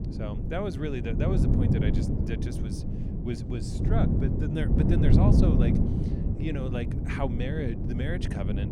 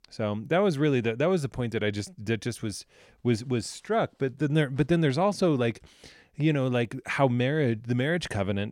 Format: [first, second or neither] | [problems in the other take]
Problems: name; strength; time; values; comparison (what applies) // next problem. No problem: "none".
second | wind noise on the microphone; heavy; as loud as the speech